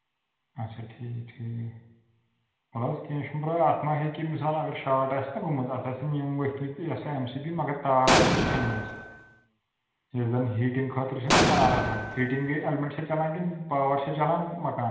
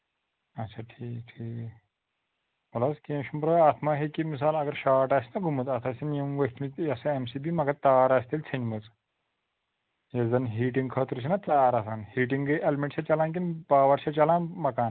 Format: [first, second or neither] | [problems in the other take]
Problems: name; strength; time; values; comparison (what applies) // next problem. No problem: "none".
second | background sound (Explosion); 3 dB above the speech // room echo; dies away in 1.1 s